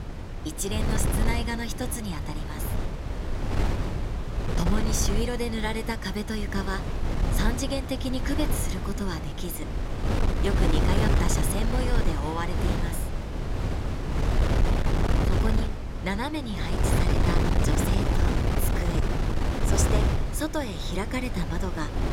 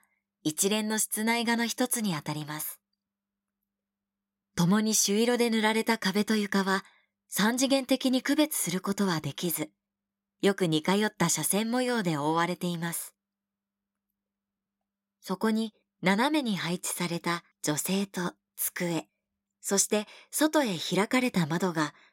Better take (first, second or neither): second